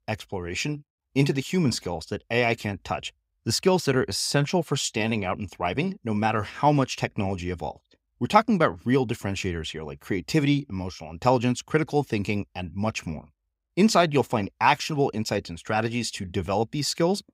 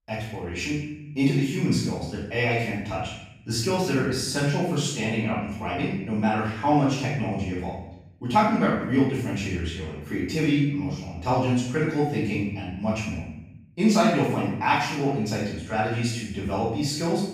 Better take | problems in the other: first | off-mic speech; far // room echo; strong; dies away in 0.8 s

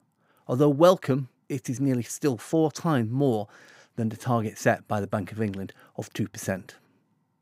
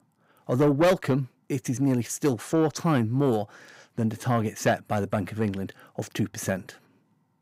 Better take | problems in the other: first | distortion; slight; 10 dB below the speech

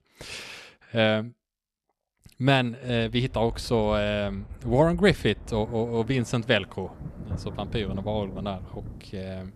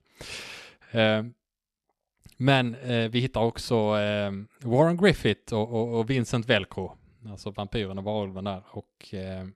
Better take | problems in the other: second | rain or running water; noticeable; from 3 s on; 15 dB below the speech

